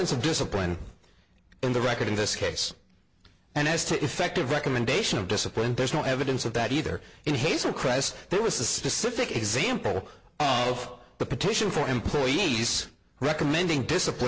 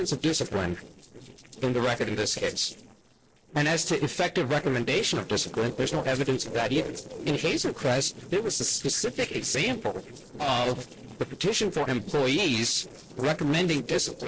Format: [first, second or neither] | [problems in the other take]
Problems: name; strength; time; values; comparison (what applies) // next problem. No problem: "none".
first | noise reduction (neural separator model SepFormer DNS4)